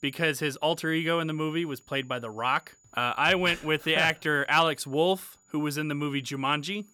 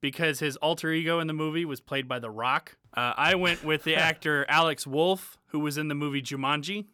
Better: second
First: high-pitched whine; faint; throughout; 7 kHz, 35 dB below the speech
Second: none

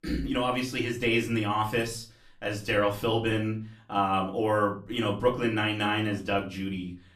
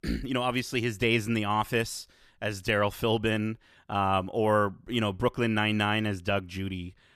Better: second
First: off-mic speech; far // room echo; very slight; dies away in 0.3 s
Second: none

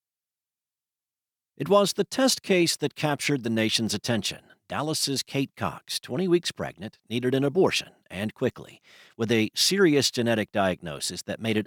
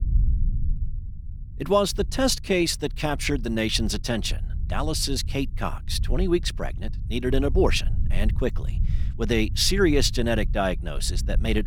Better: first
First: none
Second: low rumble; faint; throughout; 20 dB below the speech

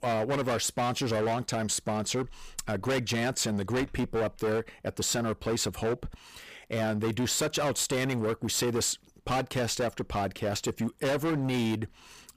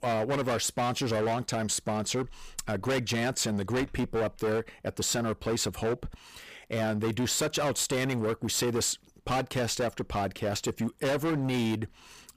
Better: neither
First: distortion; heavy; 20% of the sound clipped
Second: distortion; heavy; 20% of the sound clipped

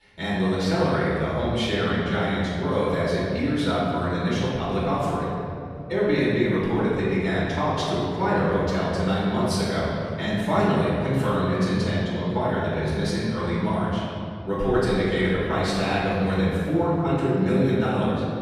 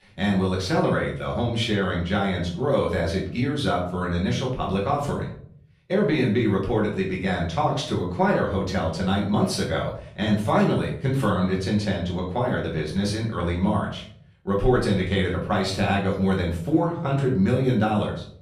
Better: second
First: room echo; strong; dies away in 2.7 s // off-mic speech; far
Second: room echo; slight; dies away in 0.5 s // off-mic speech; far

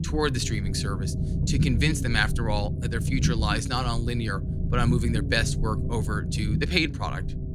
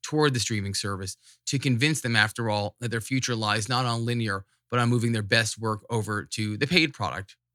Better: second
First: low rumble; noticeable; throughout; 10 dB below the speech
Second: none

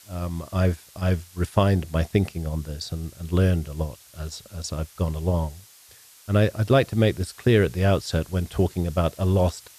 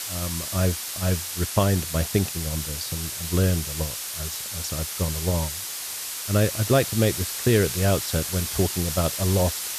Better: first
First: hiss; faint; throughout; 25 dB below the speech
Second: hiss; loud; throughout; 3 dB below the speech

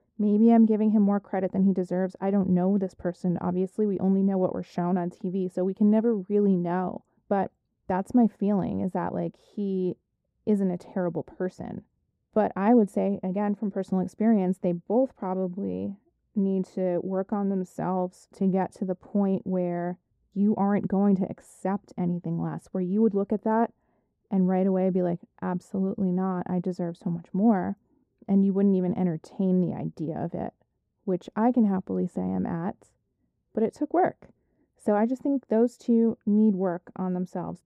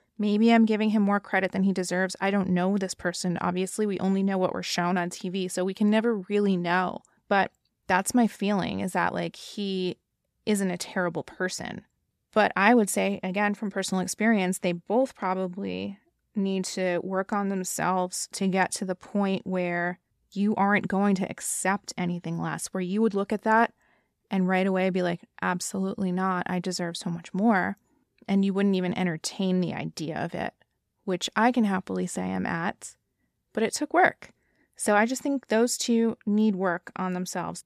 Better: second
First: muffled; very; fading above 1.5 kHz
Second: none

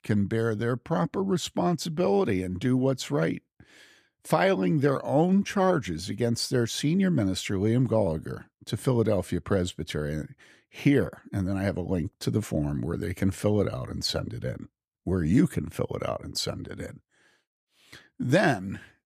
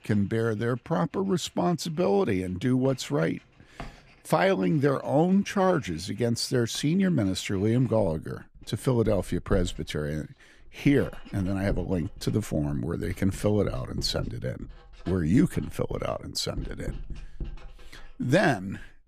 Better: first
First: none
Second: household noises; noticeable; throughout; 20 dB below the speech

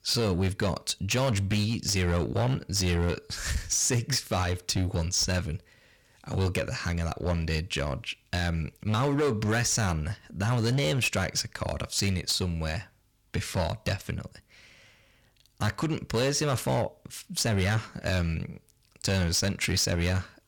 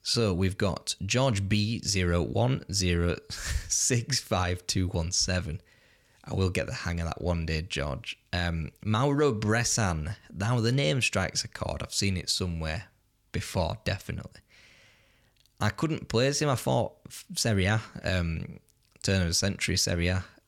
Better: second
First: distortion; slight; 9% of the sound clipped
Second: none

